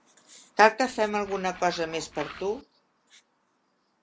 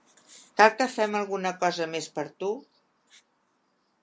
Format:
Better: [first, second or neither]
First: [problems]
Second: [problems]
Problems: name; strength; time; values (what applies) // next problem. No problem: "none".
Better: second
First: background sound (Tools); 17 dB below the speech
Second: none